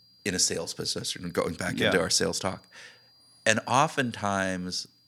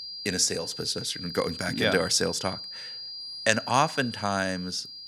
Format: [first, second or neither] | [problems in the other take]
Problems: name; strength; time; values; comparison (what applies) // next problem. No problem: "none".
first | high-pitched whine; loud; throughout; 5 kHz, 9 dB below the speech; faint in the first